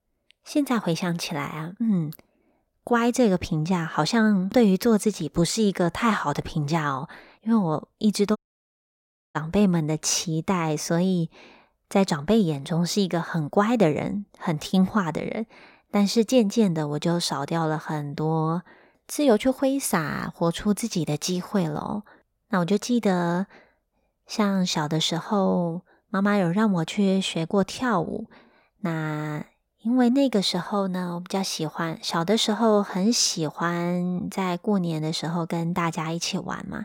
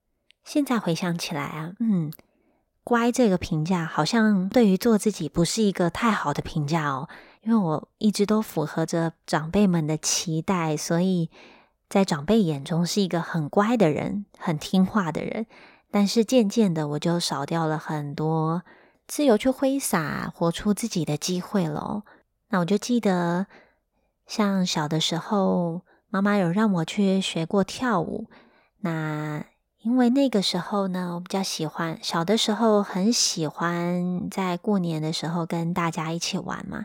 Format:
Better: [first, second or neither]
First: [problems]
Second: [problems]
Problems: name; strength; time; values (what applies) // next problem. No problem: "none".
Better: second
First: audio cutting out; at 8.5 s for 1 s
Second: none